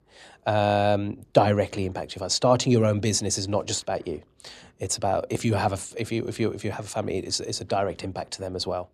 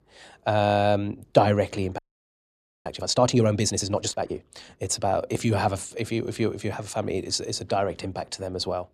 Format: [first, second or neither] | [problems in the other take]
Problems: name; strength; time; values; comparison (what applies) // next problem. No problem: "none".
first | audio freezing; at 2 s for 1 s